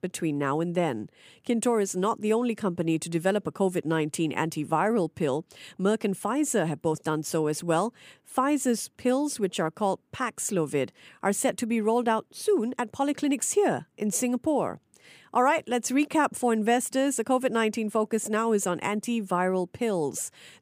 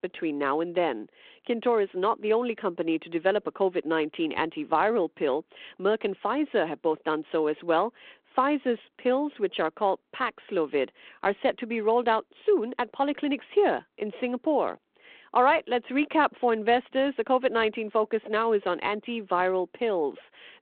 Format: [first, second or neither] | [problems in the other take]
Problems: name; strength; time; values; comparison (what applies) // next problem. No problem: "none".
first | phone-call audio